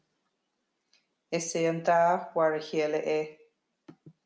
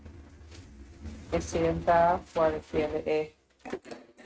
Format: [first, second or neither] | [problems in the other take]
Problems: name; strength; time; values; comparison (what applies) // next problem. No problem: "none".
first | noise reduction (neural mask model RNNoise)